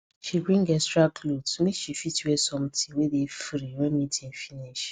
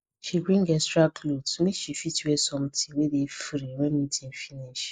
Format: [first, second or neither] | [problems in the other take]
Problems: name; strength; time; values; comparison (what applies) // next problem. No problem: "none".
first | noise reduction (neural mask model Resemble Enhance denoiser)